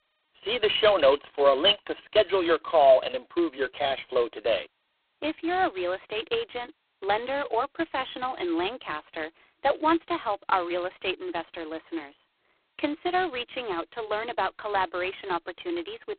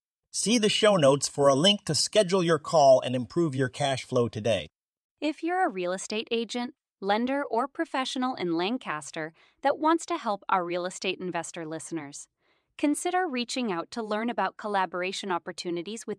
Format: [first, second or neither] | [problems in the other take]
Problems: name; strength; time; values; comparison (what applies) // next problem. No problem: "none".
second | phone-call audio; poor line